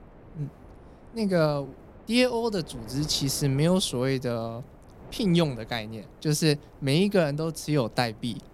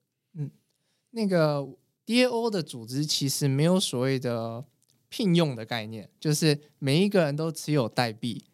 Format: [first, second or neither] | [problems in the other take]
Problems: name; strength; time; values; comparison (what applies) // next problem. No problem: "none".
second | wind noise on the microphone; occasional gusts; 20 dB below the speech